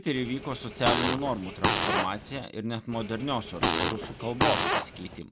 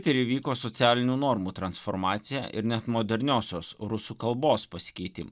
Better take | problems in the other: second | background sound (Fart); 2 dB above the speech

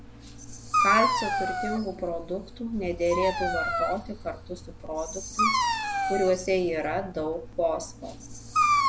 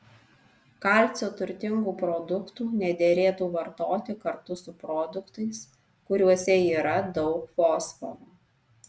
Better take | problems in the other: second | background sound (Dog); 1 dB above the speech

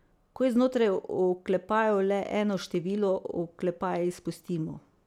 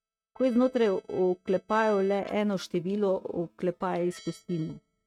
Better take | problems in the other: first | noise reduction (neural mask model RNNoise)

